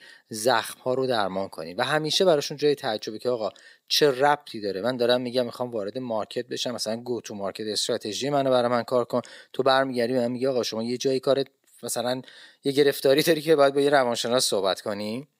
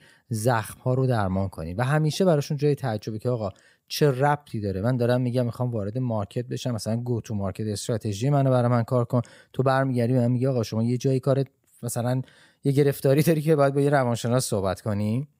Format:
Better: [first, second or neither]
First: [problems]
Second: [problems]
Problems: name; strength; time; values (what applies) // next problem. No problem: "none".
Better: second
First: thin; somewhat; fading below 350 Hz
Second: none